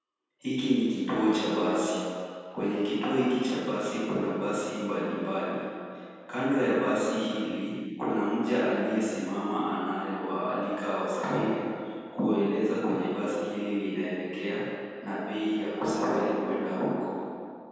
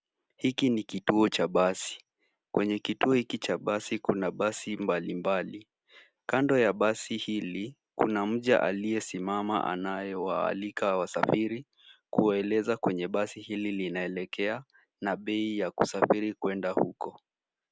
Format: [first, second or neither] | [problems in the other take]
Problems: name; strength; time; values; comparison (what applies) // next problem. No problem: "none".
second | room echo; dies away in 2 s